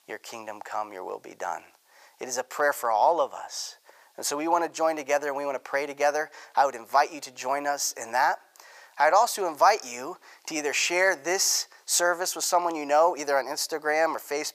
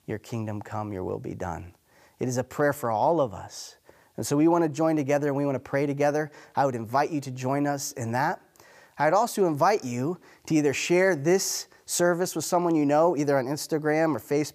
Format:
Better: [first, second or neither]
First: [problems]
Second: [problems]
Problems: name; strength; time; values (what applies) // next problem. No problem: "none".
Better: second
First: thin; very; fading below 800 Hz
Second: none